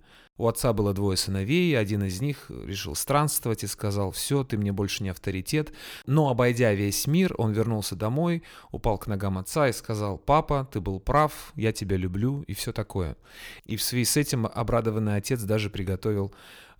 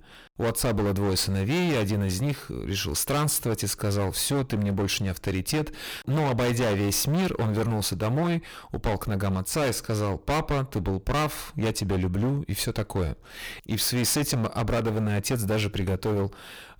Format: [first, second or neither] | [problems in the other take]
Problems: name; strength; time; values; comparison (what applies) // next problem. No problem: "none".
first | distortion; heavy; 22% of the sound clipped